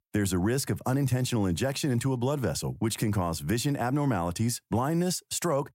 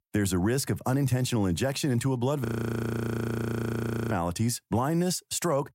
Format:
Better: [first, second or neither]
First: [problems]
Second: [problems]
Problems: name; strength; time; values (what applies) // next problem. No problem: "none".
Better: first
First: none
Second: audio freezing; at 2.5 s for 1.5 s